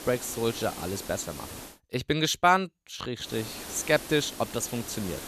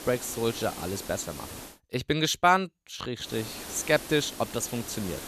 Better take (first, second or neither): neither